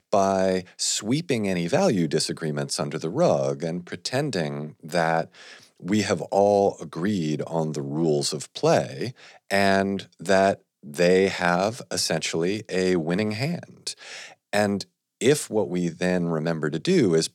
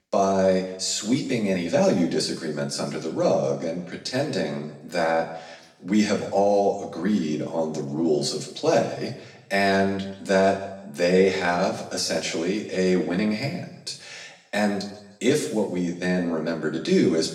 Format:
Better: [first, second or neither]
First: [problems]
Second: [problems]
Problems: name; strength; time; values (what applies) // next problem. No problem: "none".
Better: first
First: none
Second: room echo; slight; dies away in 0.9 s // off-mic speech; far